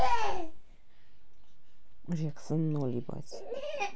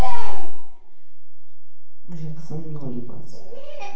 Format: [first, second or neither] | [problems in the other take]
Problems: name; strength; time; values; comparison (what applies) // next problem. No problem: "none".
first | room echo; dies away in 1 s